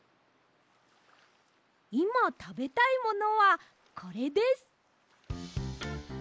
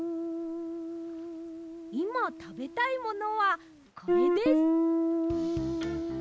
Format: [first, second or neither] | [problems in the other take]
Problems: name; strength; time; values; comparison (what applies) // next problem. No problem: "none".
first | background sound (Guitar); 4 dB above the speech